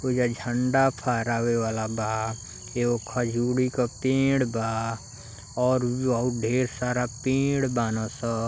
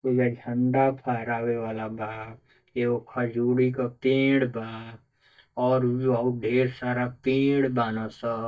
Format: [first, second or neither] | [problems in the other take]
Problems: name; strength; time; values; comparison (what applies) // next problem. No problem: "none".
first | noise reduction (neural mask model DeepFilterNet 3)